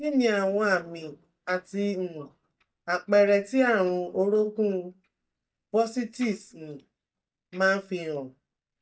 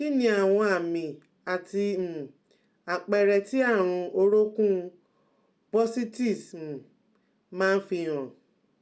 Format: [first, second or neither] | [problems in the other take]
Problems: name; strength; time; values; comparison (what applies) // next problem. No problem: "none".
second | noise reduction (neural mask model DeepFilterNet 3)